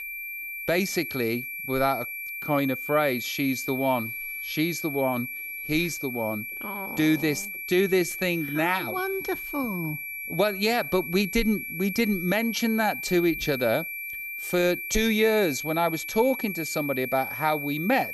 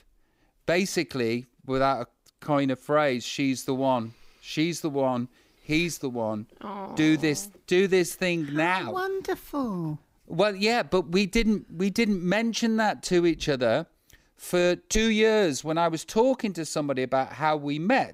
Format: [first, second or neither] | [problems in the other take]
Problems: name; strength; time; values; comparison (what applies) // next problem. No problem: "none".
second | high-pitched whine; loud; throughout; 2.5 kHz, 6 dB below the speech